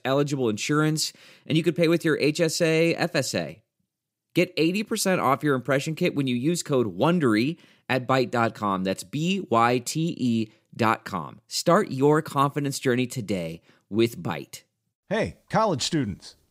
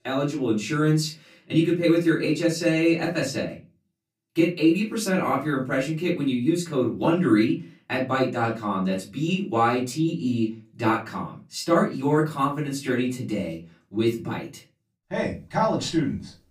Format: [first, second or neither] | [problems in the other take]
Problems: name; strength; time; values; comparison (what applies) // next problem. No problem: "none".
first | off-mic speech; far // room echo; slight; dies away in 0.3 s